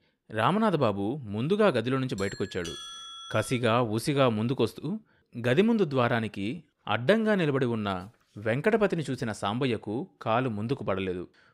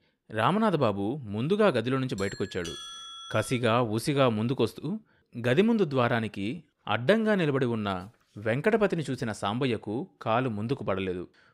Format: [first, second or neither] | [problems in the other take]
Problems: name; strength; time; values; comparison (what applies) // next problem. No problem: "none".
neither | doorbell; faint; from 2 to 3.5 s; peak 10 dB below the speech; the same in both